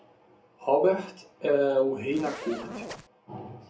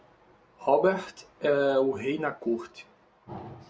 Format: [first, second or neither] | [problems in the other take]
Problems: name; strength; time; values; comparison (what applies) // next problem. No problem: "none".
second | background sound (Zipper (clothing)); 12 dB below the speech // room echo; dies away in 0.3 s